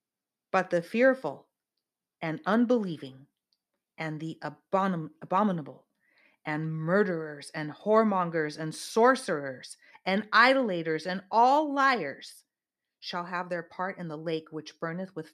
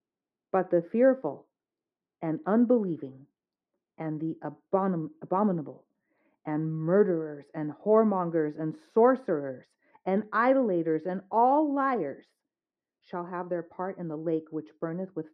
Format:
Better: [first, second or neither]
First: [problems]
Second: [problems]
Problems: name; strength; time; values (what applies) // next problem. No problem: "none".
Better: first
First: none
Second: muffled; very; fading above 2.5 kHz